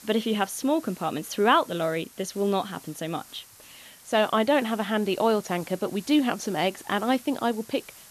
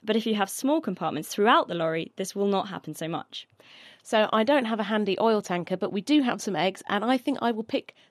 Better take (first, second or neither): second